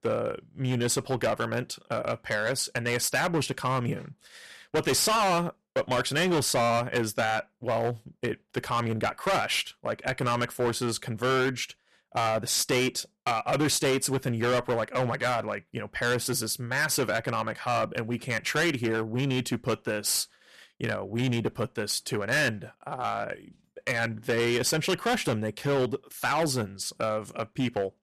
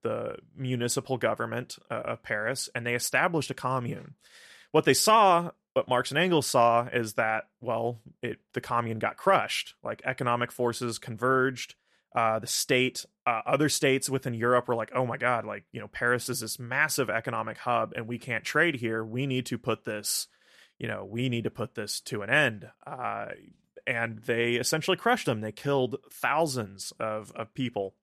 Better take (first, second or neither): second